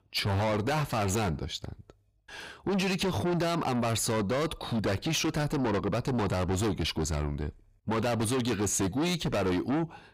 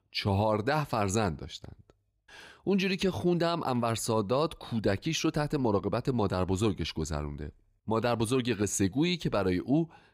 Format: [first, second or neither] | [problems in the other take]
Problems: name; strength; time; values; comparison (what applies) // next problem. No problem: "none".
second | distortion; heavy; 6 dB below the speech